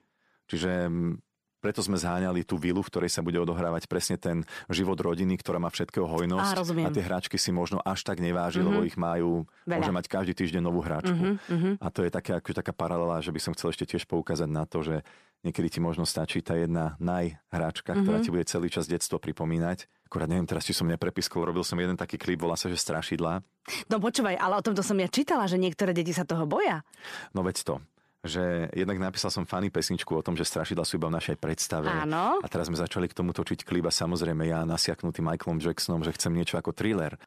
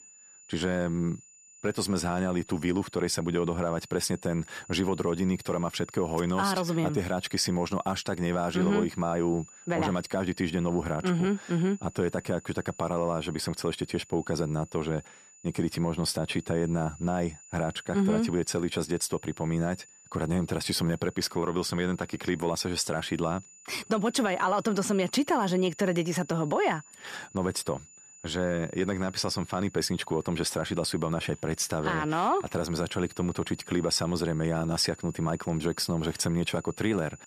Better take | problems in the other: first | high-pitched whine; faint; throughout; 7 kHz, 20 dB below the speech

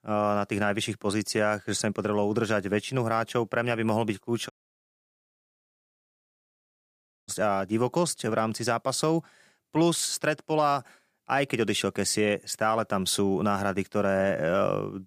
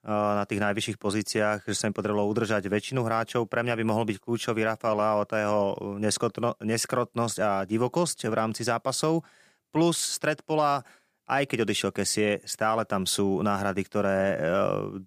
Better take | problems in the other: second | audio cutting out; at 4.5 s for 3 s

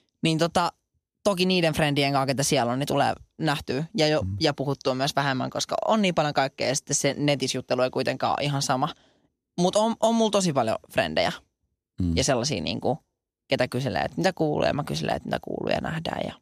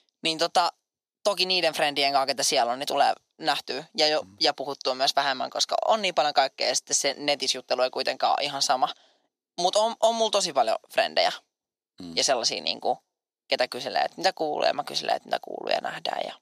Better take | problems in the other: first | thin; very; fading below 450 Hz

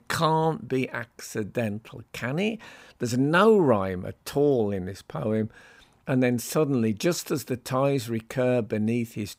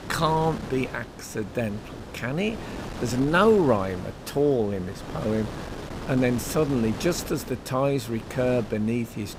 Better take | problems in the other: first | wind noise on the microphone; occasional gusts; 10 dB below the speech

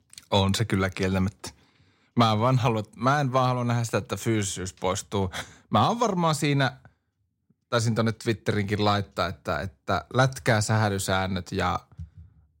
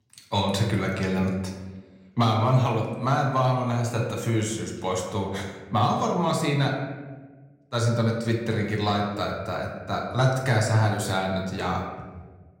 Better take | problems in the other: first | room echo; slight; dies away in 1.1 s // off-mic speech; somewhat distant

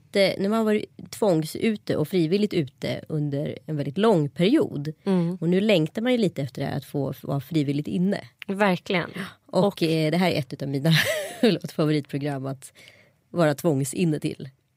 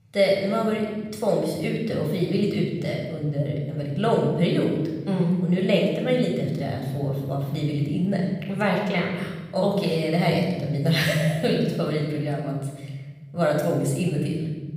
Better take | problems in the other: first | off-mic speech; somewhat distant // room echo; noticeable; dies away in 1.9 s

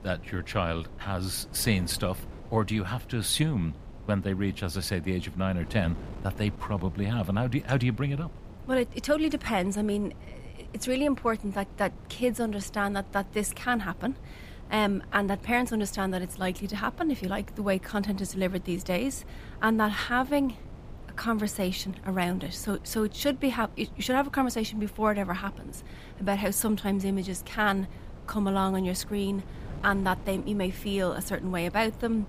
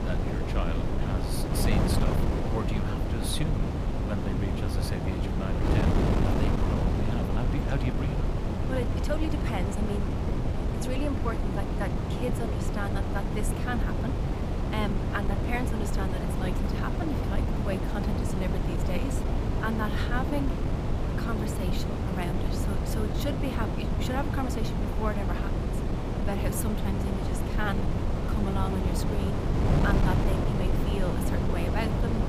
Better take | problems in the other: first | wind noise on the microphone; heavy; 1 dB above the speech; occasional gusts in the first

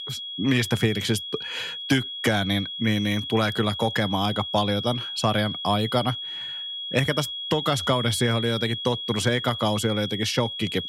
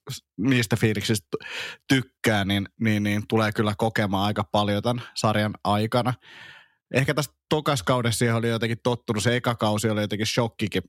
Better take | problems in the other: second | high-pitched whine; loud; throughout; 3.5 kHz, 6 dB below the speech

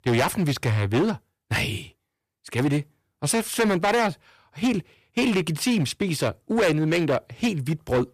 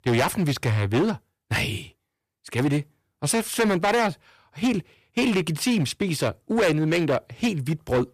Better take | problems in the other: neither | distortion; heavy; 11% of the sound clipped; the same in both

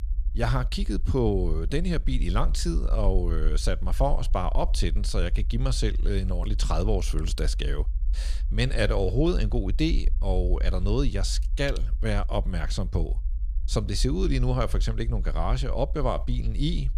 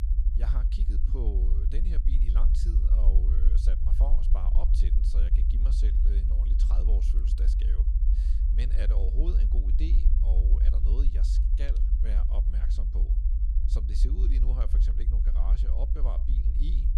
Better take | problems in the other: first | low rumble; loud; throughout; 2 dB below the speech; faint in the first

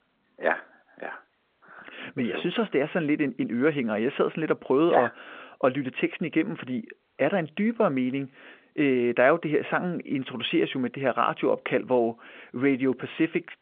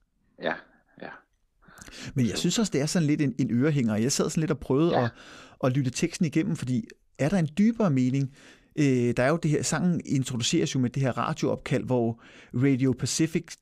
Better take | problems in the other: second | phone-call audio; nothing above 3.5 kHz

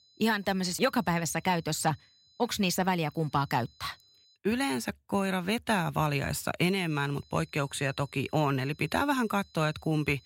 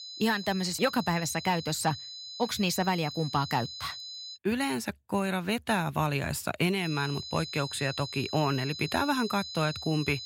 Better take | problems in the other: first | high-pitched whine; loud; until 4.5 s and from 7 s on; 4 kHz, 9 dB below the speech; faint in the first

